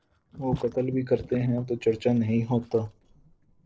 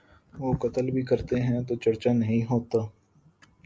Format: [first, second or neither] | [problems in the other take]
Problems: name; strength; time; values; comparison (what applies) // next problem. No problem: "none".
second | noise reduction (neural separator model SepFormer DNS4)